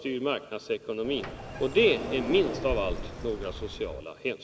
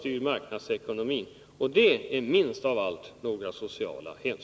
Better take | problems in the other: second | background sound (Sliding door); 9 dB below the speech

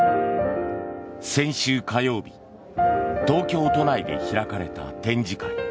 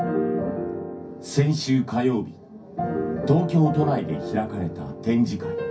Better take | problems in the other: first | room echo; dies away in 0.3 s

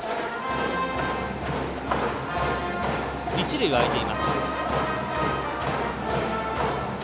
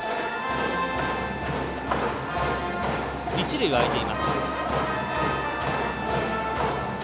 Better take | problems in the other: first | background sound (Trumpet); 12 dB below the speech

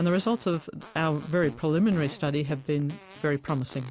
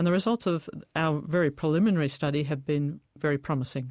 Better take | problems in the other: second | background sound (Fart); 19 dB below the speech

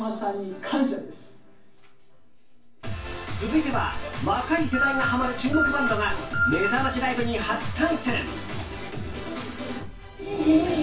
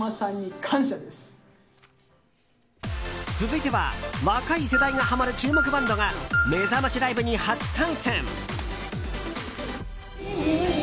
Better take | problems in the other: second | room echo; dies away in 0.3 s

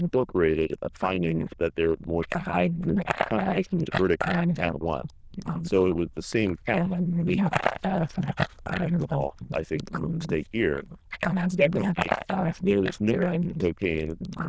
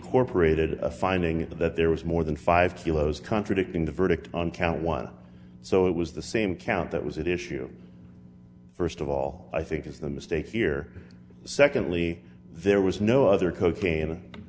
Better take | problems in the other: second | noise reduction (neural diffusion model UNIVERSE++)

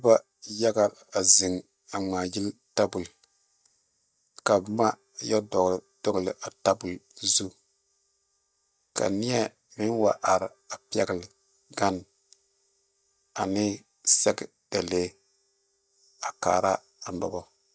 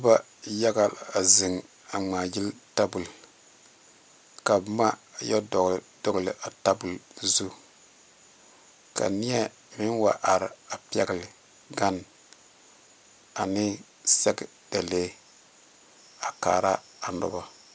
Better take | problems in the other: second | noise reduction (neural mask model DeepFilterNet 3)

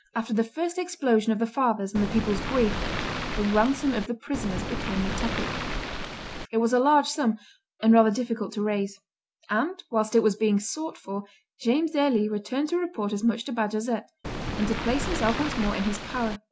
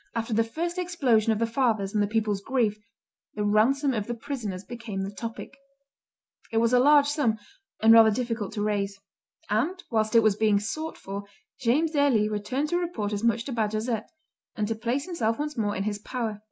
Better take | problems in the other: second | background sound (Waves, surf); 5 dB below the speech

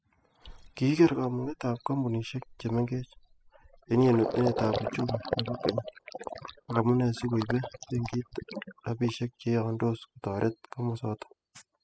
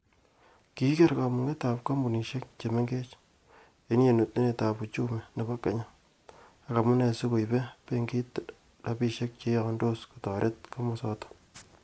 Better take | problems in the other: second | noise reduction (classical method spectral subtraction)

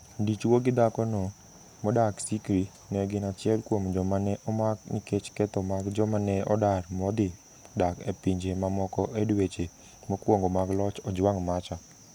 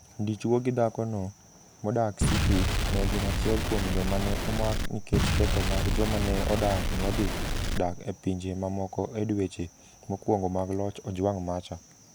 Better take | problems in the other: first | background sound (Explosion); 3 dB above the speech

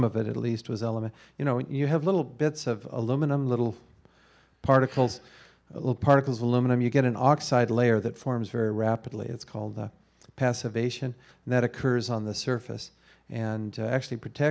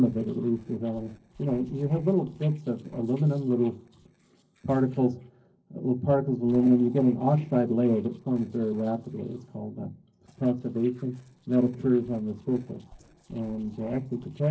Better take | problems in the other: first | noise reduction (neural separator model SepFormer DNS4)

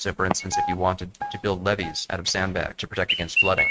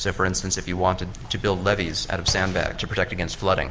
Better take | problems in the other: second | noise reduction (neural mask model RNNoise)

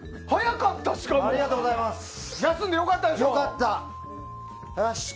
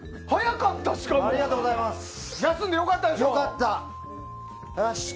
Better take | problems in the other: first | background sound (Bowed string instrument); 18 dB below the speech

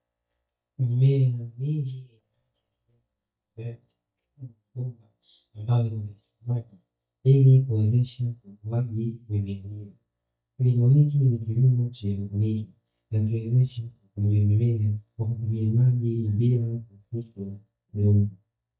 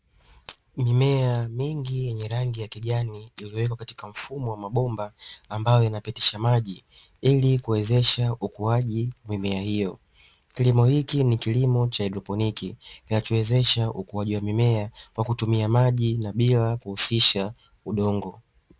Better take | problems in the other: second | noise reduction (neural mask model DeepFilterNet 3)

